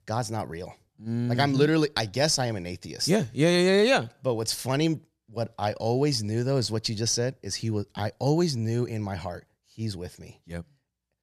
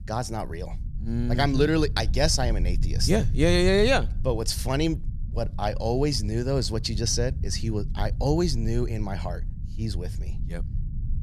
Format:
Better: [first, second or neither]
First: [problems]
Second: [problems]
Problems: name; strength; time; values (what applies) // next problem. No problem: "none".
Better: first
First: none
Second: low rumble; faint; throughout; 20 dB below the speech